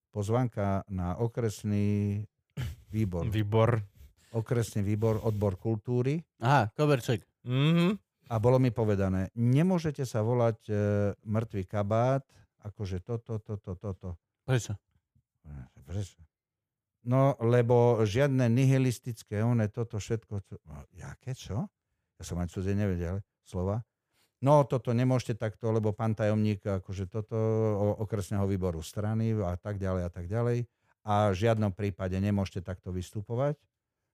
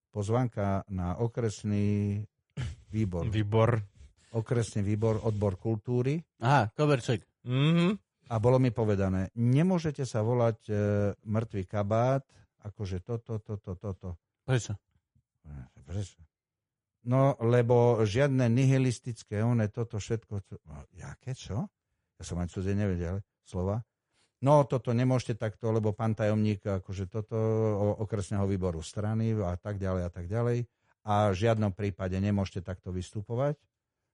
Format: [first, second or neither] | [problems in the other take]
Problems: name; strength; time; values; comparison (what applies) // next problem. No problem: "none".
first | garbled, watery; slightly; nothing above 10.5 kHz